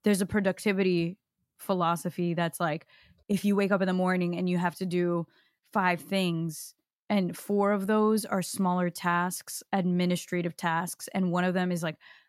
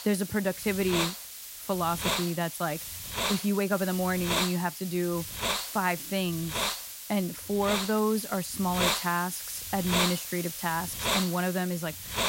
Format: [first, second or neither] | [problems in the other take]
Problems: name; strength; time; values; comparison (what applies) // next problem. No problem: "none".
first | hiss; loud; throughout; 2 dB below the speech